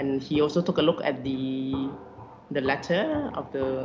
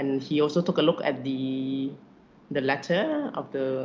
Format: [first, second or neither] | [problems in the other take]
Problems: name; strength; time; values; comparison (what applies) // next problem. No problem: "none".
second | background sound (Walk, footsteps); 14 dB below the speech